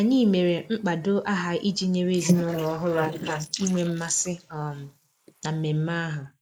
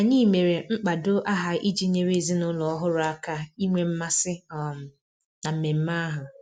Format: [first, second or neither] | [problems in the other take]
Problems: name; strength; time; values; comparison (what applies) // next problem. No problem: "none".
second | noise reduction (neural mask model Resemble Enhance denoiser)